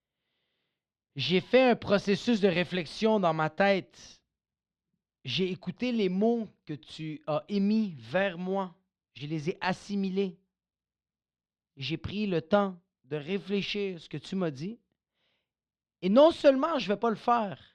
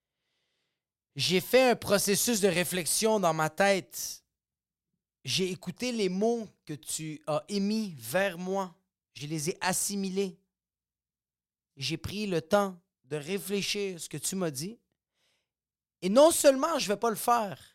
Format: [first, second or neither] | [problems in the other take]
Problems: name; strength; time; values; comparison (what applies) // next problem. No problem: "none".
second | muffled; slightly; fading above 3.5 kHz